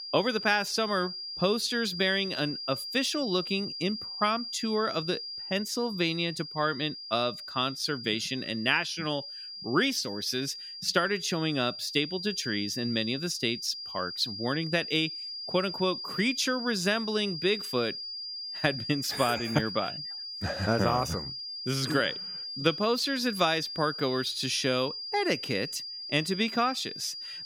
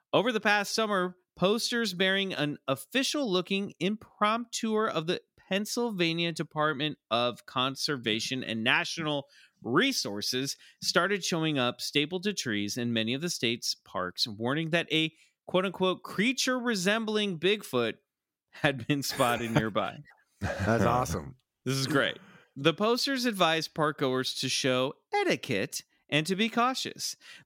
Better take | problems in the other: second | high-pitched whine; loud; throughout; 5 kHz, 7 dB below the speech

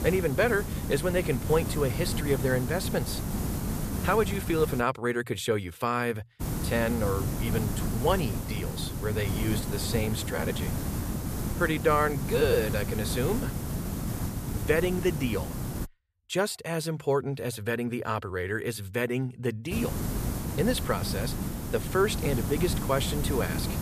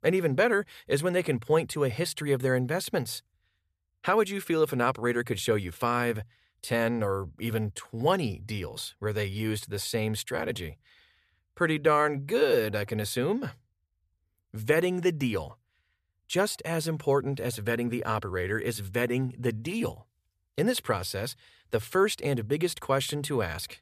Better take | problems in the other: second | hiss; loud; until 5 s, from 6.5 to 16 s and from 20 s on; 3 dB below the speech

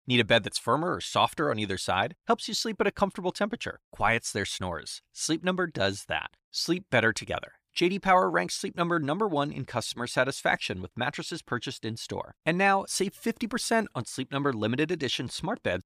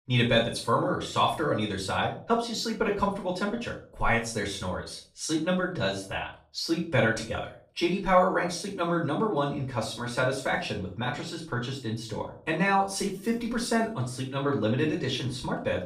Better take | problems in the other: first | room echo; slight; dies away in 0.3 s // off-mic speech; far

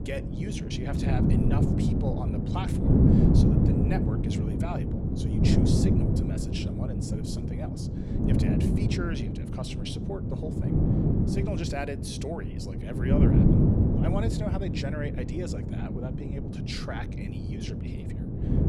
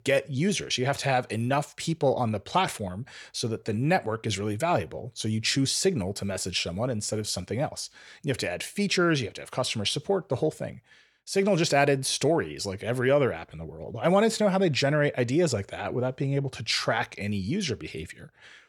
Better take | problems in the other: second | wind noise on the microphone; heavy; 4 dB above the speech

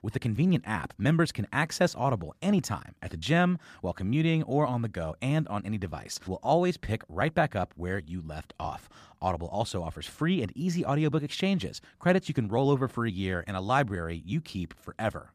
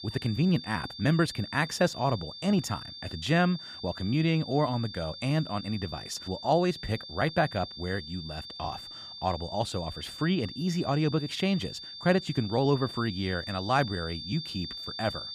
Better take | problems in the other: first | high-pitched whine; noticeable; throughout; 4.5 kHz, 10 dB below the speech

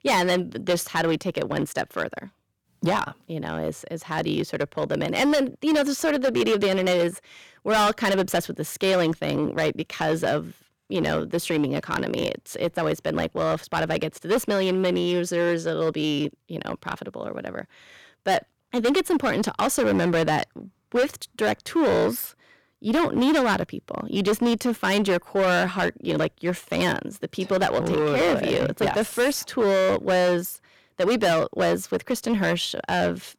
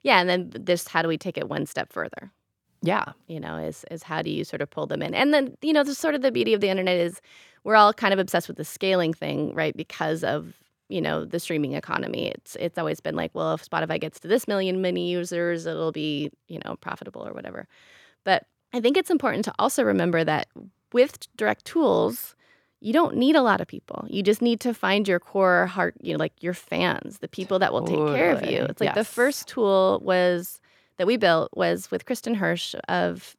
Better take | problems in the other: second | distortion; heavy; 10% of the sound clipped

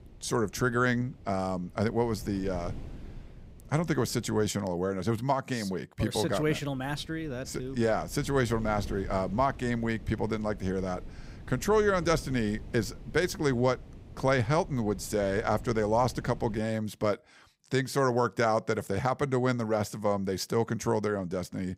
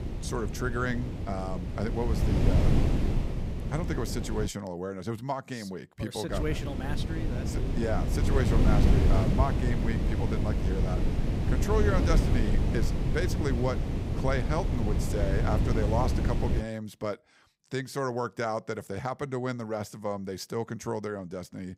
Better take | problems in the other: first | wind noise on the microphone; heavy; until 4.5 s and from 6.5 to 17 s; 3 dB below the speech; occasional gusts in the first

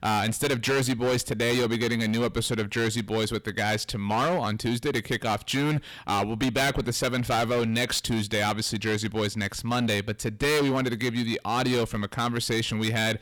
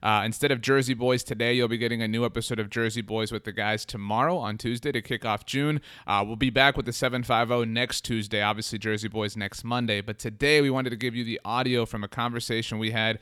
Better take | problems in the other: second | distortion; heavy; 17% of the sound clipped

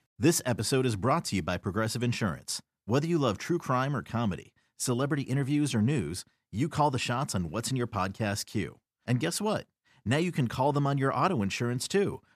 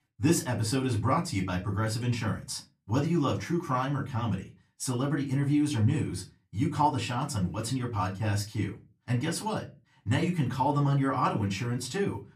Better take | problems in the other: first | off-mic speech; far // room echo; very slight; dies away in 0.2 s

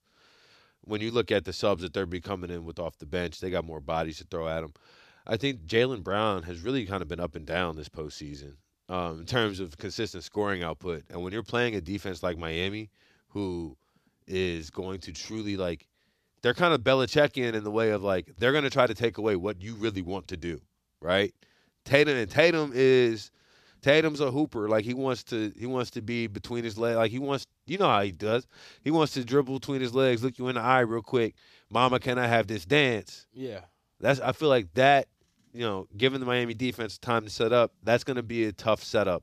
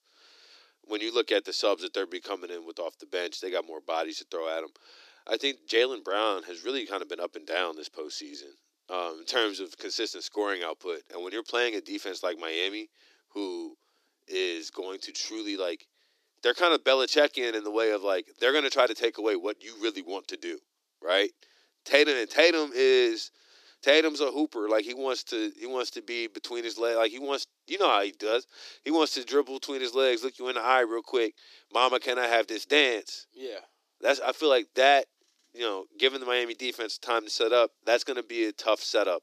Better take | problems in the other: first | thin; somewhat; fading below 300 Hz

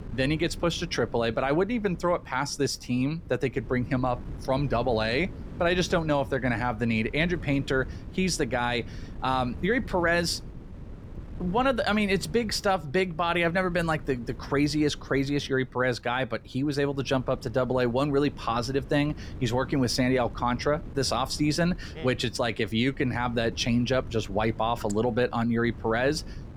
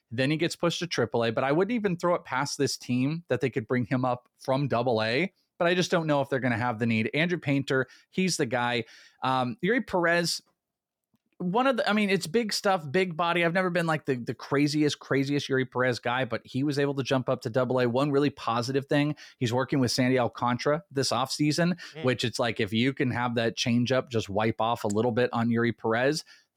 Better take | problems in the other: second | wind noise on the microphone; occasional gusts; 25 dB below the speech

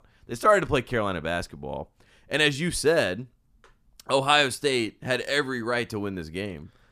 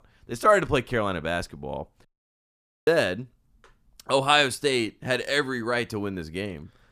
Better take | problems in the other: first | audio cutting out; at 2 s for 1 s

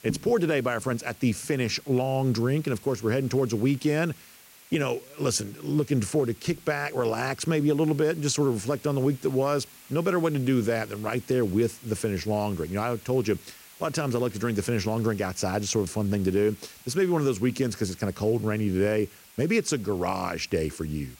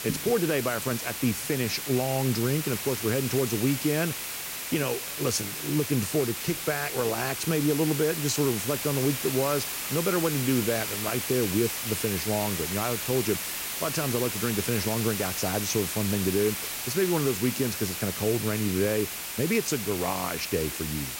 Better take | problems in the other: first | hiss; loud; throughout; 3 dB below the speech; faint in the first

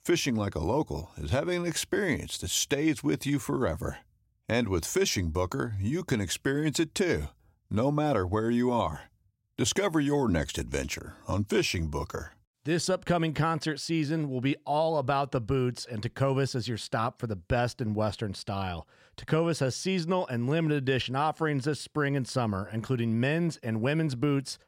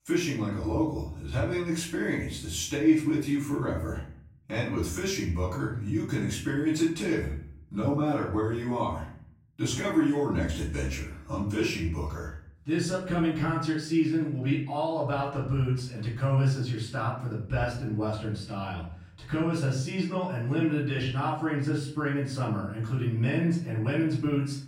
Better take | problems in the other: first | off-mic speech; far // room echo; noticeable; dies away in 0.5 s

